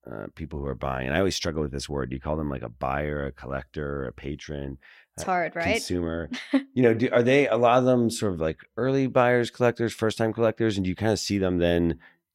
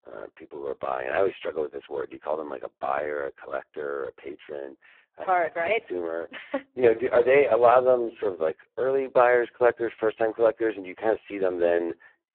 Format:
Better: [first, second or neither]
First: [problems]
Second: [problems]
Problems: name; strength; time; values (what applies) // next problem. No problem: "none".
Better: first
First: none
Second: phone-call audio; poor line